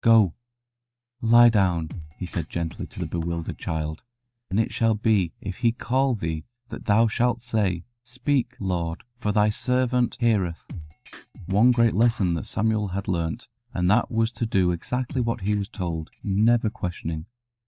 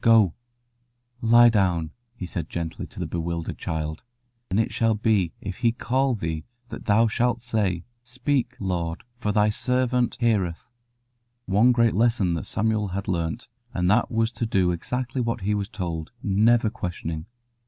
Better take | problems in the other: second | noise reduction (neural mask model DeepFilterNet 3)

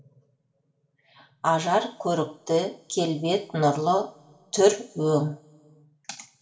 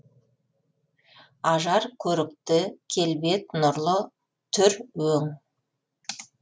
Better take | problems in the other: second | room echo; dies away in 1.8 s

